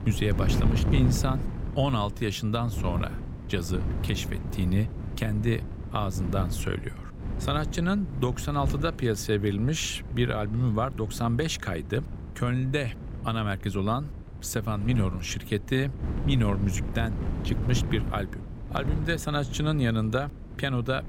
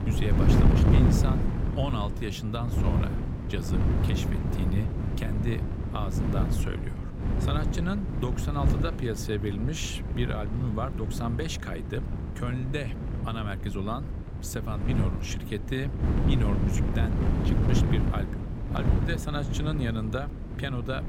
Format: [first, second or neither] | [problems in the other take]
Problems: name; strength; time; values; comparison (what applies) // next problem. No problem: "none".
first | wind noise on the microphone; heavy; 1 dB below the speech; occasional gusts in the first